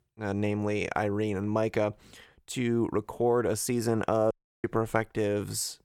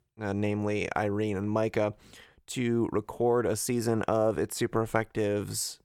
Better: second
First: audio cutting out; at 4.5 s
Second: none

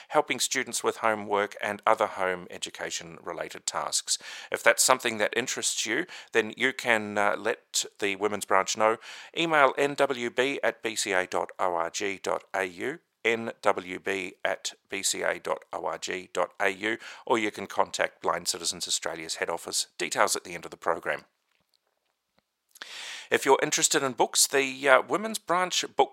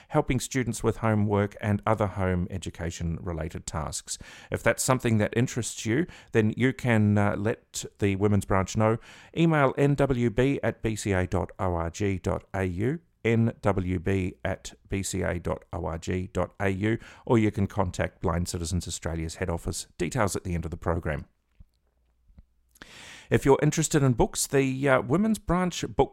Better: second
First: thin; very; fading below 600 Hz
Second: none

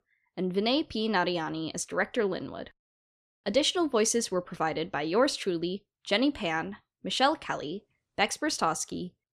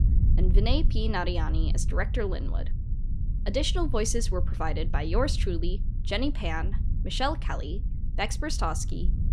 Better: first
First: none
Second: low rumble; noticeable; throughout; 15 dB below the speech

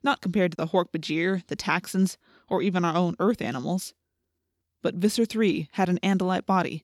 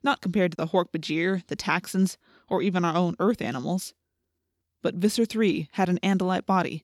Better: neither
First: none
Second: none

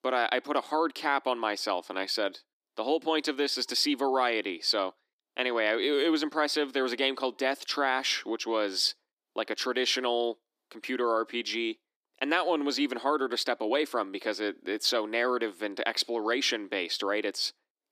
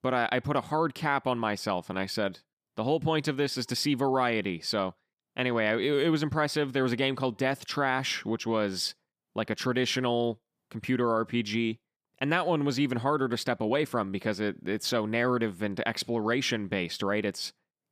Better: second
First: thin; very slightly; fading below 300 Hz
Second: none

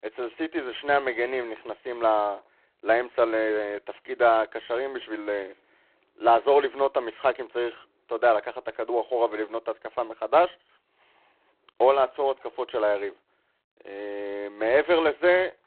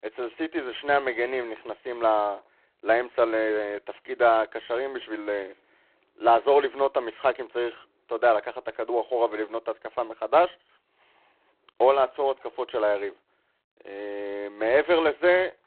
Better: neither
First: phone-call audio; poor line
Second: phone-call audio; poor line

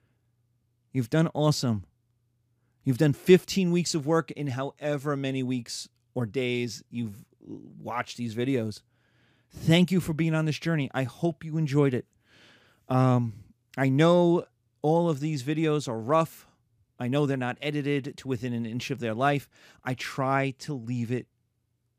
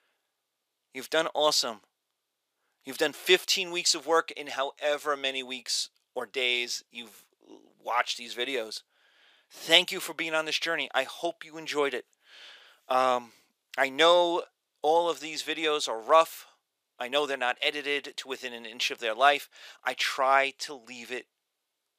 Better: first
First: none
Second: thin; very; fading below 550 Hz

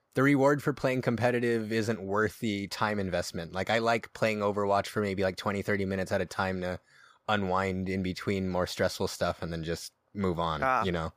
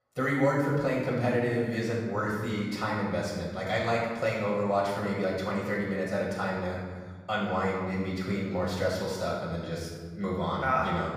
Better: first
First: none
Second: off-mic speech; far // room echo; noticeable; dies away in 1.6 s

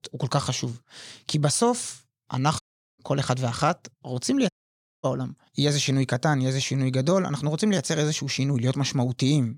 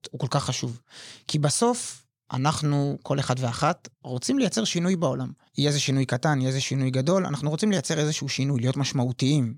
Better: second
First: audio cutting out; at 2.5 s and at 4.5 s for 0.5 s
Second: none

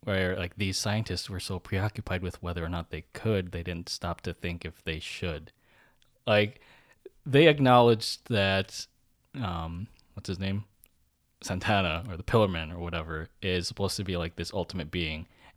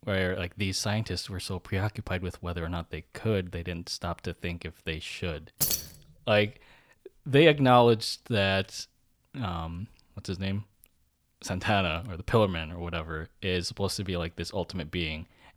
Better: first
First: none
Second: jangling keys; loud; at 5.5 s; peak 2 dB above the speech

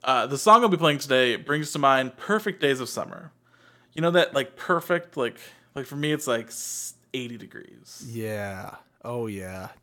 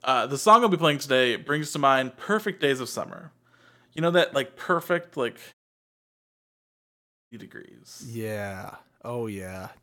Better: first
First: none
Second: audio cutting out; at 5.5 s for 2 s

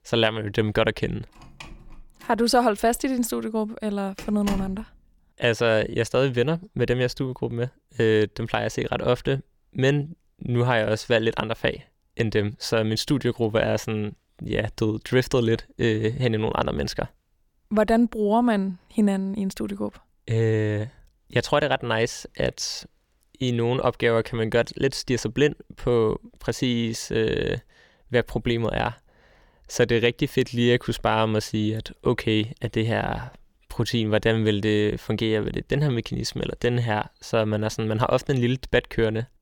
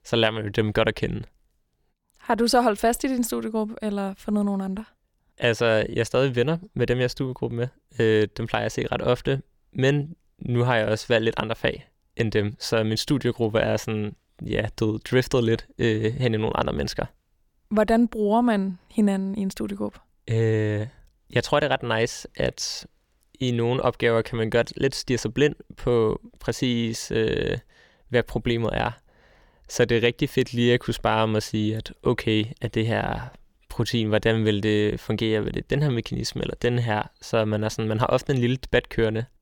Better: second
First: door banging; noticeable; from 1.5 to 5 s; peak 9 dB below the speech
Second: none

